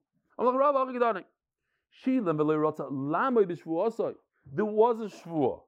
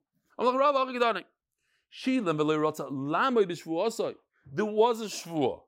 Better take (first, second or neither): second